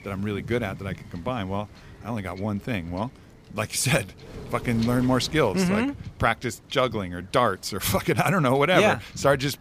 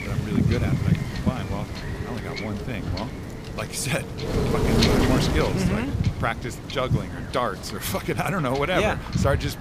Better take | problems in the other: first | wind noise on the microphone; heavy; 3 dB below the speech; occasional gusts in the first

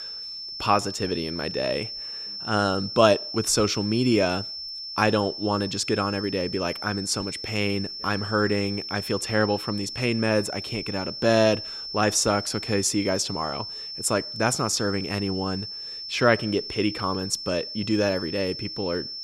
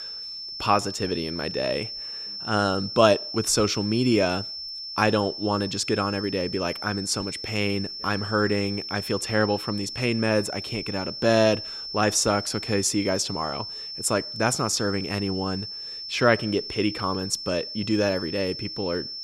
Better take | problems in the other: neither | high-pitched whine; loud; throughout; 5.5 kHz, 7 dB below the speech; the same in both

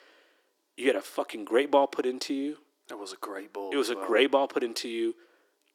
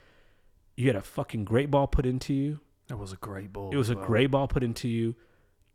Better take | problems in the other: second | thin; somewhat; fading below 300 Hz

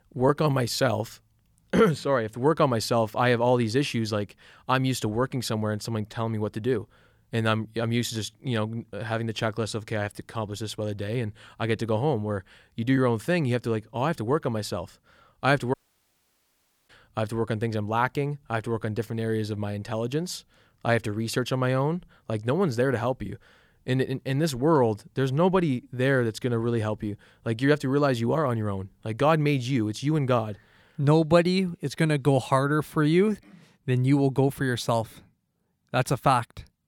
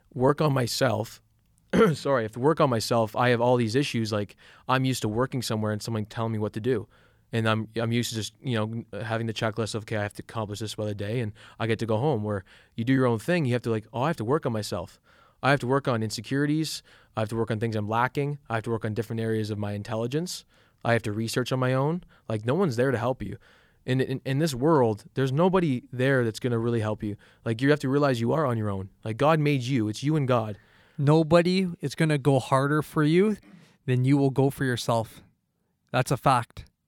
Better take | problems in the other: second | audio cutting out; at 16 s for 1 s

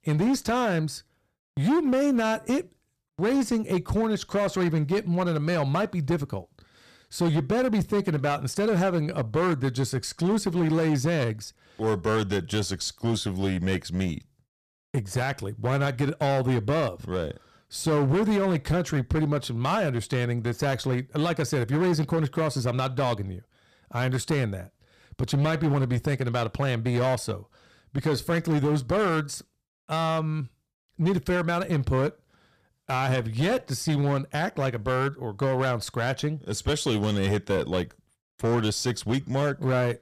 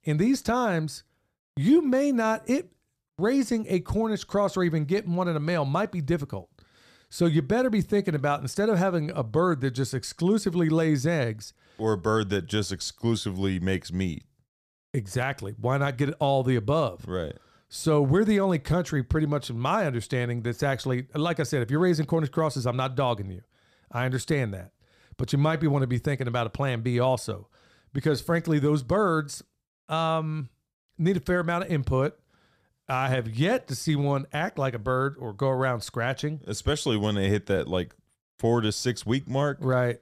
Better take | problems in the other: second | distortion; slight; 11% of the sound clipped

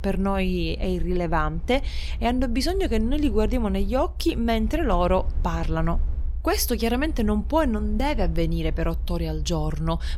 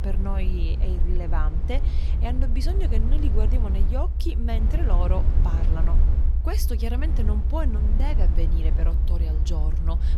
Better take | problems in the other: first | low rumble; loud; throughout; 6 dB below the speech; faint in the first

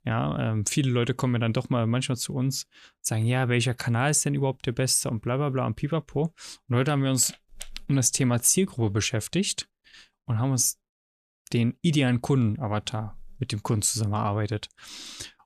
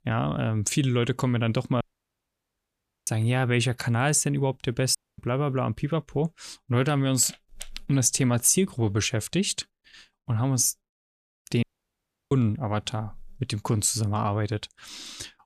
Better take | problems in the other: first | audio cutting out; at 2 s for 1.5 s, at 5 s and at 12 s for 0.5 s

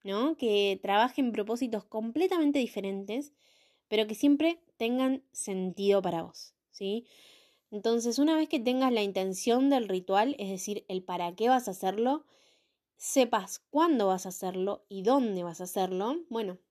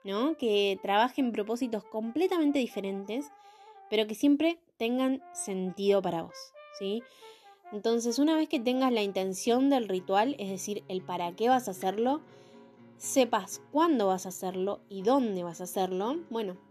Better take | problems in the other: first | background music; faint; throughout; 25 dB below the speech

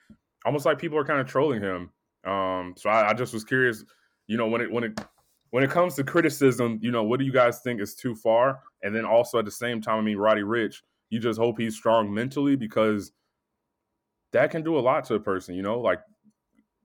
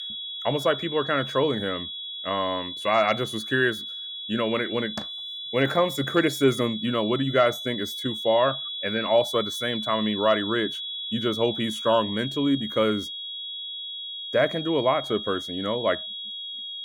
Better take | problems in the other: first | high-pitched whine; loud; throughout; 3.5 kHz, 6 dB below the speech

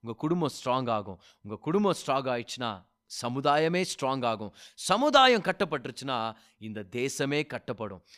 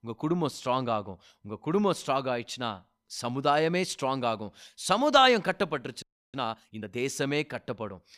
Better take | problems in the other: first | audio freezing; at 6 s

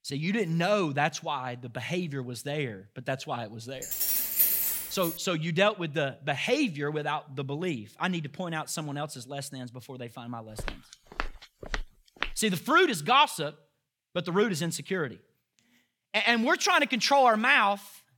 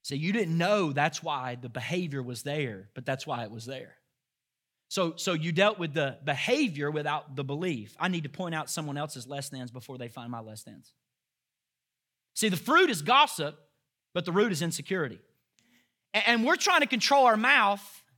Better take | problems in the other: second | jangling keys; loud; from 4 to 5 s; peak 5 dB above the speech // footsteps; noticeable; from 11 to 12 s; peak 8 dB below the speech

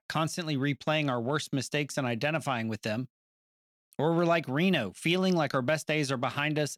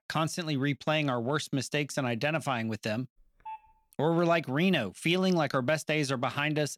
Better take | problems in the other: first | phone ringing; faint; at 3 s; peak 15 dB below the speech

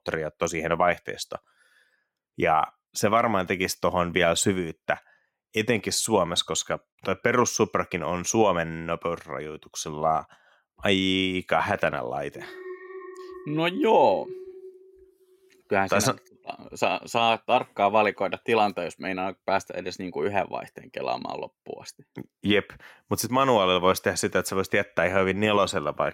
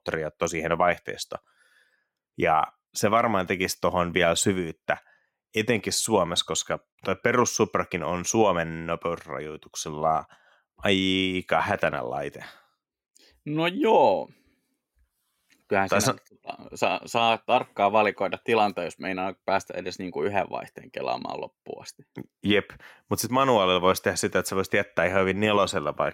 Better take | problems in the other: second | alarm; faint; from 12 to 15 s; peak 15 dB below the speech

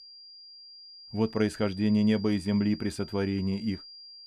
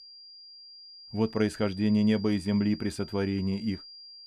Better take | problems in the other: neither | high-pitched whine; noticeable; throughout; 5 kHz, 15 dB below the speech; the same in both

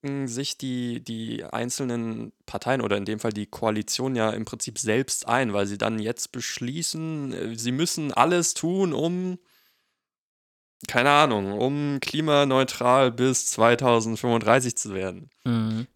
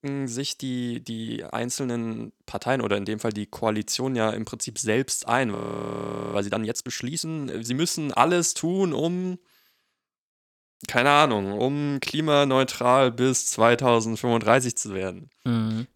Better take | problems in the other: first | audio freezing; at 5.5 s for 1 s

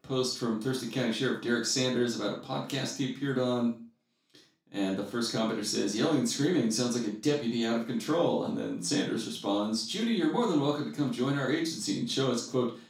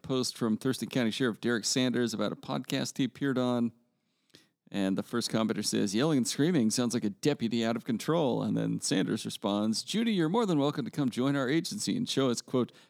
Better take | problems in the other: second | room echo; noticeable; dies away in 0.3 s // off-mic speech; far

